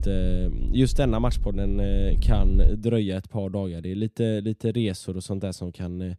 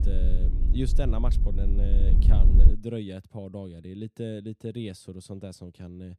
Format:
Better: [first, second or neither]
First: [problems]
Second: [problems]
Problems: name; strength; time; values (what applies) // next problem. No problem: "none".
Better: first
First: wind noise on the microphone; occasional gusts; until 2.5 s; 15 dB below the speech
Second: wind noise on the microphone; heavy; until 2.5 s; 4 dB below the speech